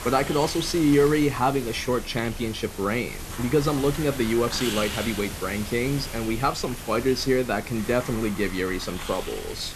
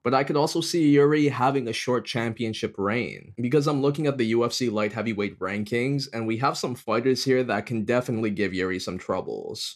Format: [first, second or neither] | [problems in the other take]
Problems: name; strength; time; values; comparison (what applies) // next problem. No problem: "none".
second | hiss; loud; throughout; 9 dB below the speech